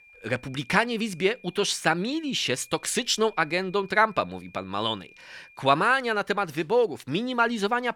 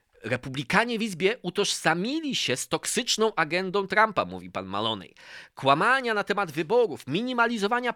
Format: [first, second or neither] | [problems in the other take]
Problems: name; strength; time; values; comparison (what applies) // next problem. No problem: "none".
second | high-pitched whine; faint; until 5.5 s; 2.5 kHz, 25 dB below the speech